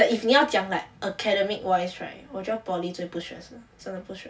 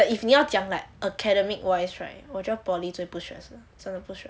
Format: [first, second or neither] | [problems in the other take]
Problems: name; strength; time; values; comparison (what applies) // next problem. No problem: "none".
second | room echo; dies away in 0.2 s